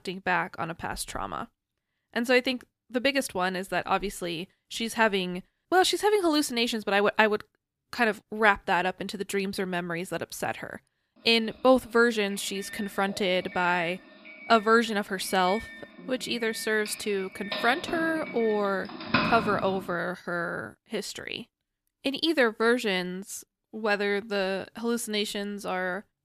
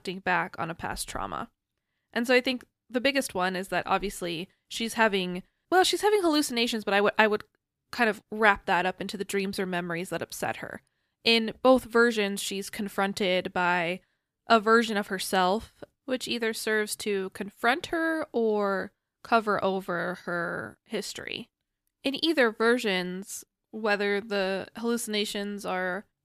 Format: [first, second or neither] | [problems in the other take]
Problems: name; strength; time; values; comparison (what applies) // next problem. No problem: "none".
second | doorbell; loud; from 16 to 20 s; peak 1 dB above the speech